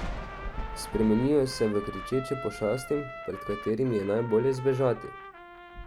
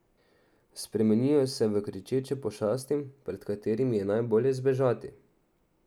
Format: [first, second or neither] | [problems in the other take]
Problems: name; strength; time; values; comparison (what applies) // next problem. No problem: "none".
second | background sound (Trumpet + Thunder); 10 dB below the speech